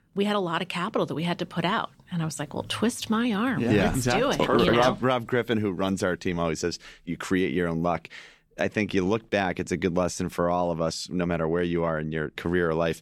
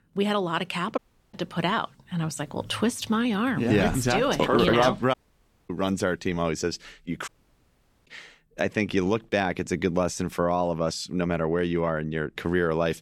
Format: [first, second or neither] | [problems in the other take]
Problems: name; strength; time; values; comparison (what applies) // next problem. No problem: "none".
first | audio cutting out; at 1 s, at 5 s for 0.5 s and at 7.5 s for 1 s